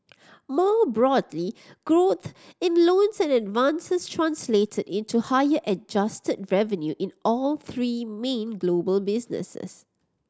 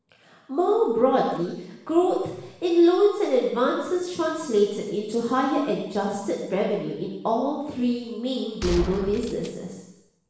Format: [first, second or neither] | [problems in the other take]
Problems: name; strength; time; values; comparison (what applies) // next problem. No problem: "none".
first | background sound (Gunshot, gunfire); 9 dB below the speech // room echo; dies away in 0.9 s